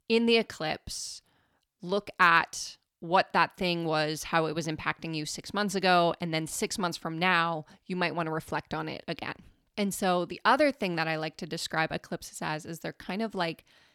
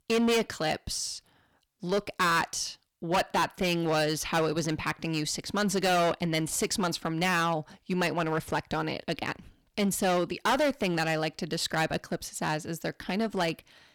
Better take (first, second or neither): first